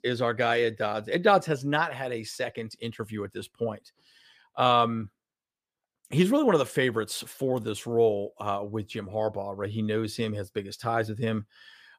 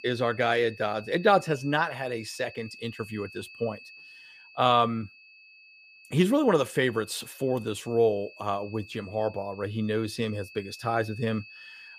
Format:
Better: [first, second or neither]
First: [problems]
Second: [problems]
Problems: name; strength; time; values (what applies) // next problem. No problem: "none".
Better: first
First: none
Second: high-pitched whine; noticeable; throughout; 2.5 kHz, 20 dB below the speech